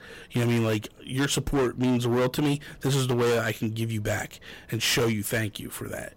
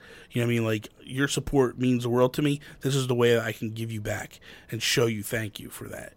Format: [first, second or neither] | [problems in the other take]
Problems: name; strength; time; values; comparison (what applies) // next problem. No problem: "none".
second | distortion; heavy; 14% of the sound clipped